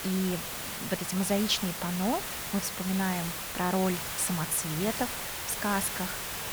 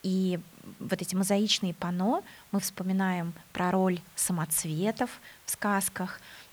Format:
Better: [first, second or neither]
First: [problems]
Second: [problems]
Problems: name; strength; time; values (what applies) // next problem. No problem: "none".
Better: second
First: hiss; loud; throughout; 2 dB below the speech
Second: hiss; faint; throughout; 25 dB below the speech